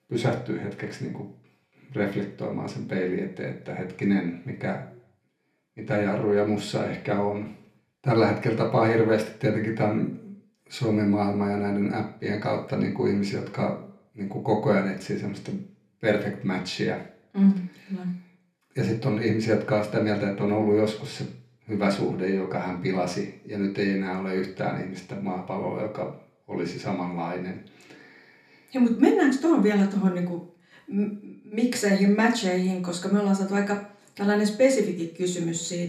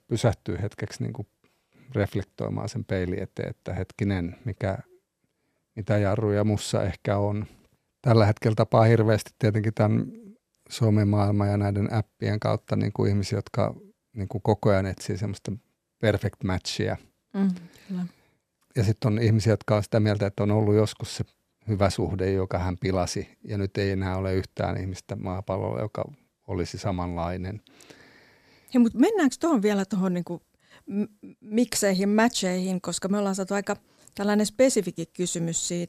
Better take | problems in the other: second | room echo; slight; dies away in 0.4 s // off-mic speech; far

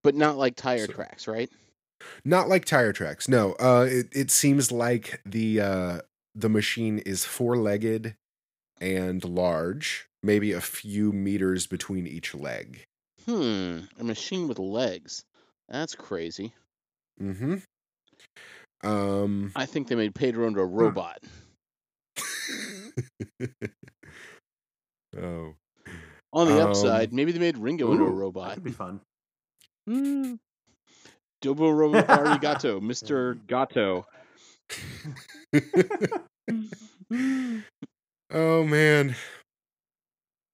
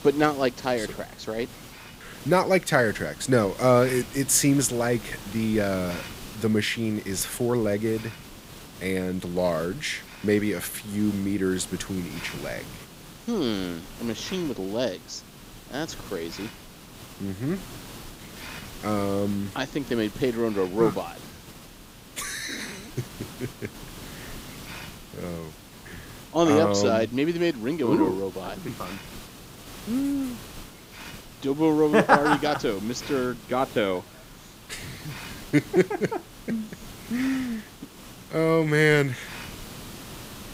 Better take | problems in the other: first | hiss; noticeable; throughout; 15 dB below the speech

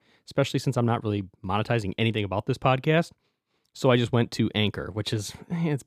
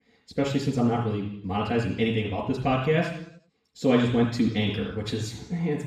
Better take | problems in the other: first | room echo; noticeable; dies away in 0.7 s // off-mic speech; far

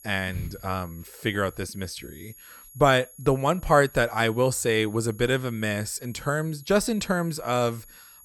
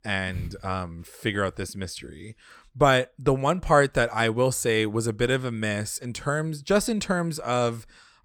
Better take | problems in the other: second | high-pitched whine; faint; throughout; 11.5 kHz, 20 dB below the speech

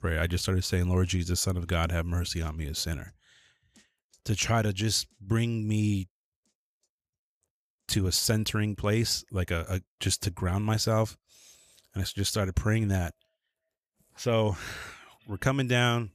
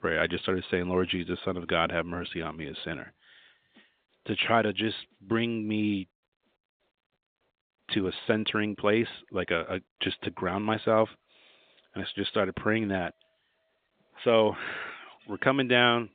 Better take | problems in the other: first | phone-call audio; nothing above 3.5 kHz

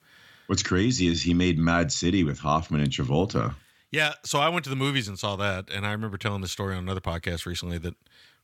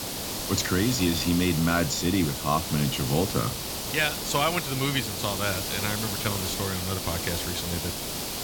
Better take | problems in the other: first | hiss; loud; throughout; 3 dB below the speech

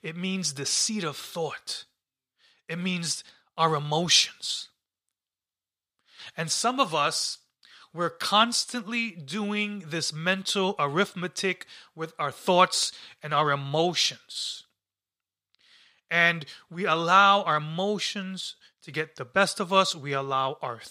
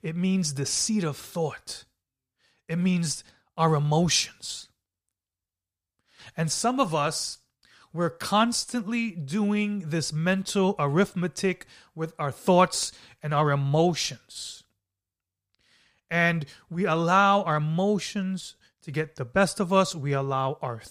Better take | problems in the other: second | thin; very slightly; fading below 600 Hz

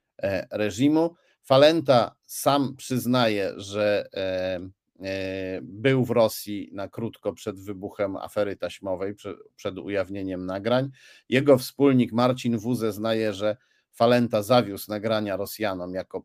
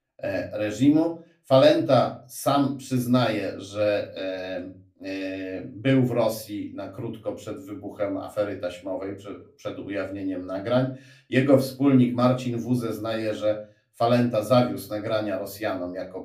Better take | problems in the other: first | off-mic speech; far // room echo; very slight; dies away in 0.3 s

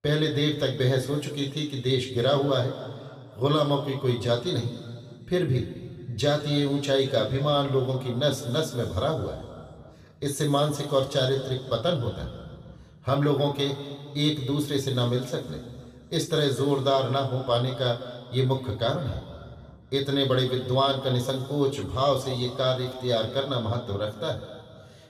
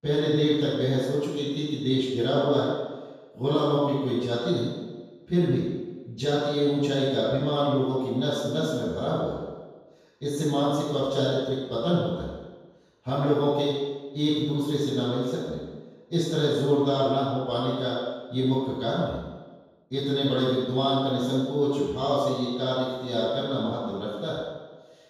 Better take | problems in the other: first | room echo; strong; dies away in 1.2 s; slight in the first // off-mic speech; far; somewhat distant in the first

